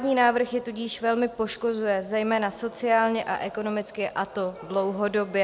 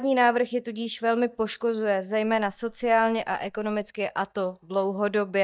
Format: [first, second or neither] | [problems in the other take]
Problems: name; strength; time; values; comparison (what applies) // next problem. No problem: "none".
first | noise reduction (neural mask model DeepFilterNet 3)